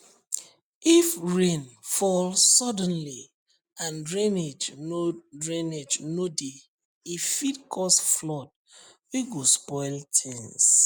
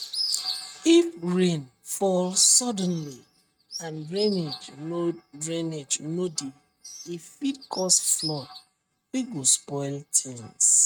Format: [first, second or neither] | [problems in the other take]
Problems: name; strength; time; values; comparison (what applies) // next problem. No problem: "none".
first | noise reduction (neural mask model RNNoise)